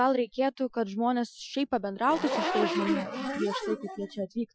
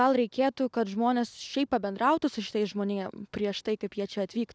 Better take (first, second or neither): second